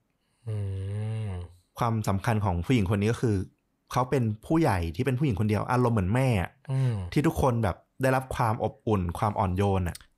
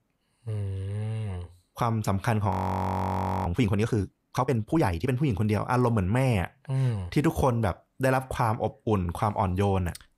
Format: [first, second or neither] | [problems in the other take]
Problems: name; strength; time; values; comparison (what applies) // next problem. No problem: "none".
first | audio freezing; at 2.5 s for 1 s